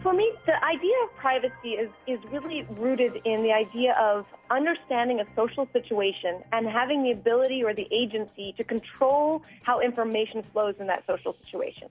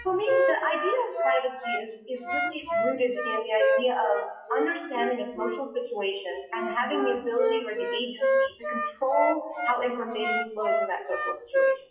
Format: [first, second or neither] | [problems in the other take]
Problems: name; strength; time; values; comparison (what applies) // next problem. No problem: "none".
first | noise reduction (classical method WPE with log-MMSE)